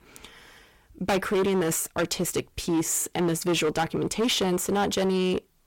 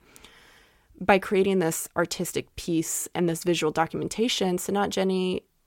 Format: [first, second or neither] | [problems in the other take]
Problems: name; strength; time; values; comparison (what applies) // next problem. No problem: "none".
second | distortion; heavy; 14% of the sound clipped